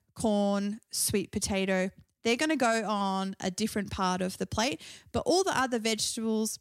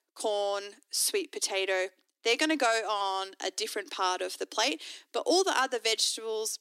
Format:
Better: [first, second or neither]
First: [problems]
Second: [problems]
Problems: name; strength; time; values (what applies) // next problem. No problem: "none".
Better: first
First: none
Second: thin; very; fading below 300 Hz